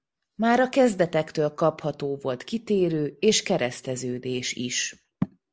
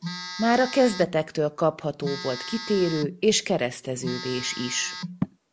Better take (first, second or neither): first